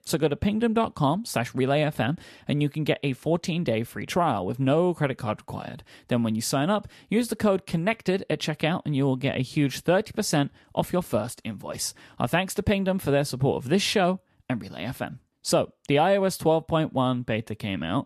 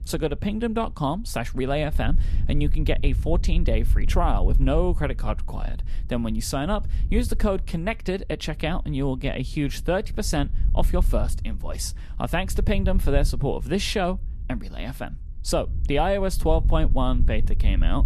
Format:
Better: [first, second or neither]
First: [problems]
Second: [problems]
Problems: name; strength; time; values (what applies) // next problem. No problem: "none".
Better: first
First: none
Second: wind noise on the microphone; occasional gusts; 20 dB below the speech